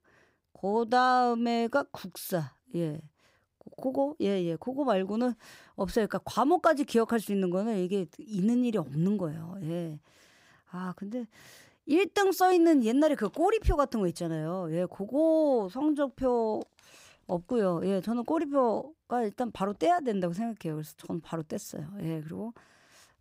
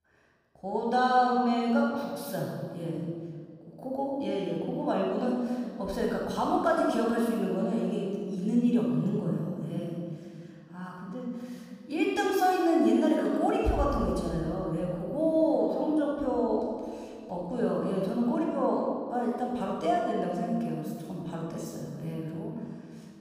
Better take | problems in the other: first | off-mic speech; far // room echo; strong; dies away in 1.8 s

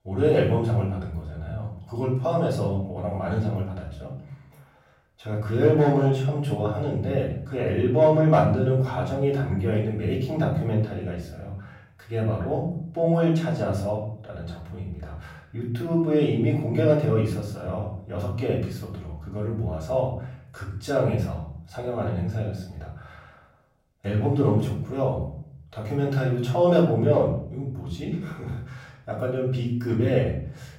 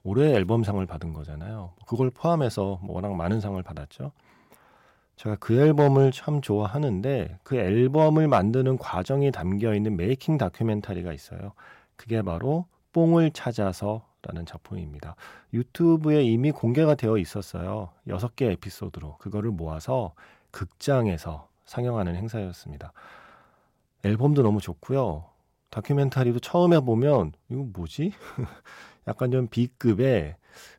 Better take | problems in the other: second | off-mic speech; far // room echo; noticeable; dies away in 0.6 s

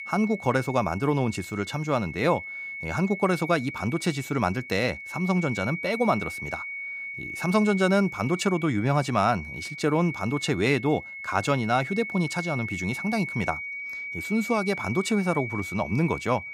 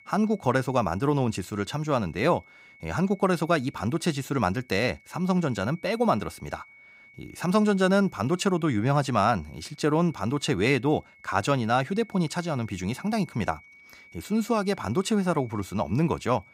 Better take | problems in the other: second | high-pitched whine; loud; throughout; 2 kHz, 8 dB below the speech; faint in the second

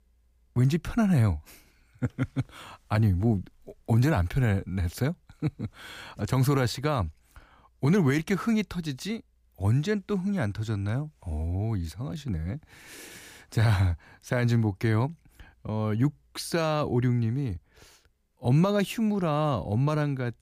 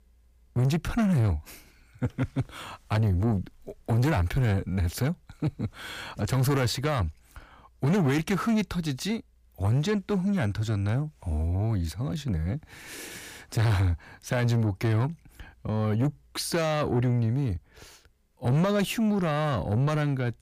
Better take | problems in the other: first | distortion; slight; 10 dB below the speech

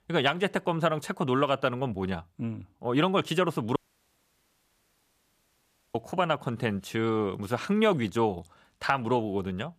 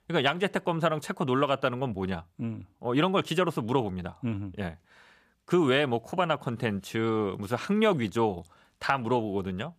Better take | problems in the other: second | audio cutting out; at 4 s for 2 s

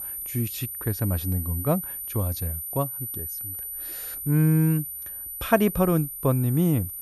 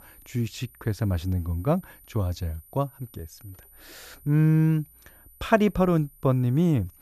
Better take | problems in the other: second | high-pitched whine; loud; throughout; 12 kHz, 6 dB below the speech; faint in the second

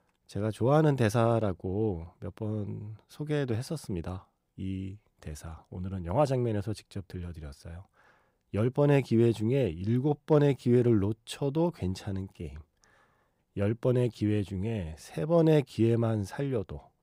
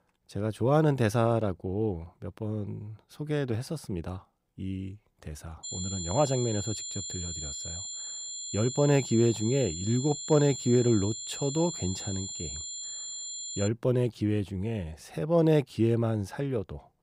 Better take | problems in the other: first | high-pitched whine; loud; from 5.5 to 14 s; 7 kHz, 7 dB below the speech

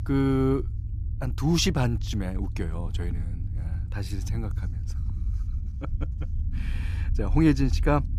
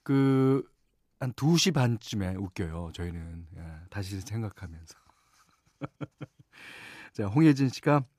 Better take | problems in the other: second | low rumble; noticeable; throughout; 20 dB below the speech

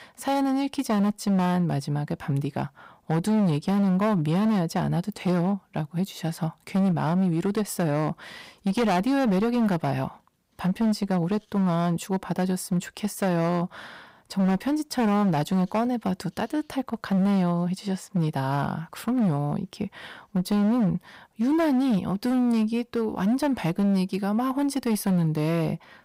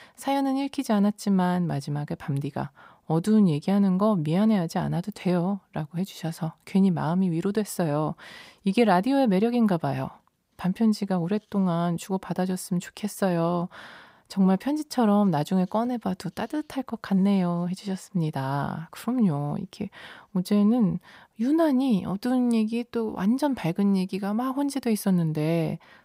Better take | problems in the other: second | distortion; slight; 14% of the sound clipped

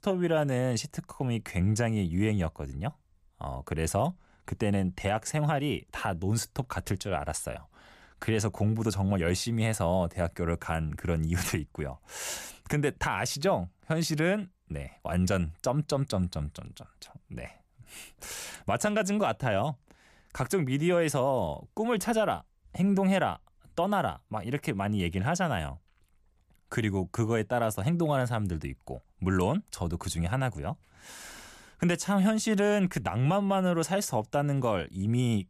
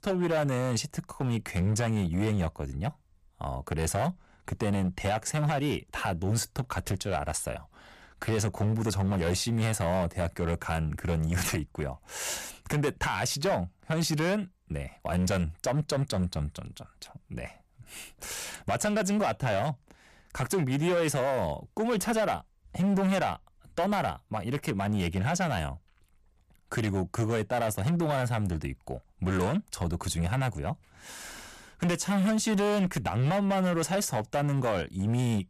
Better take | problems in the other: first | distortion; slight; 10% of the sound clipped

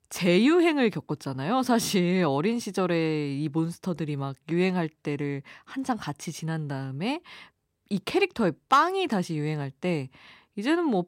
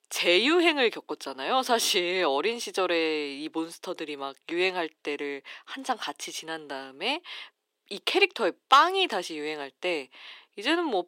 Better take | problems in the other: first | thin; somewhat; fading below 350 Hz

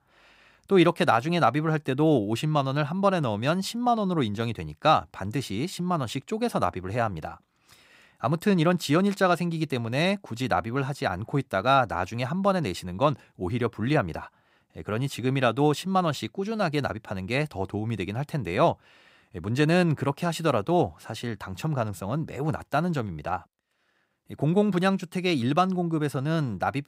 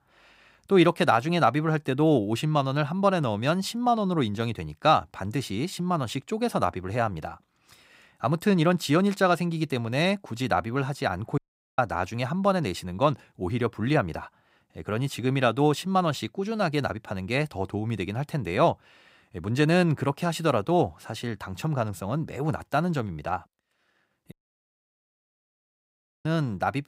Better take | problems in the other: first | audio cutting out; at 11 s and at 24 s for 2 s

